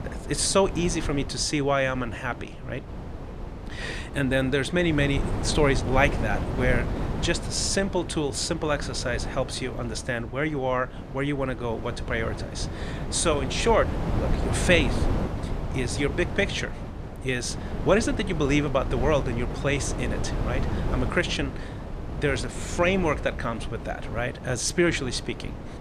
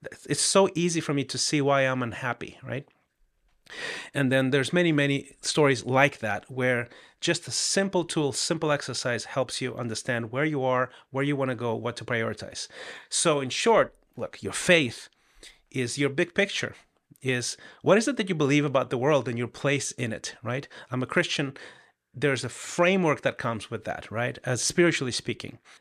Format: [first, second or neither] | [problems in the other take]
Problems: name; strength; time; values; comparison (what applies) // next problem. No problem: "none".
second | wind noise on the microphone; occasional gusts; 10 dB below the speech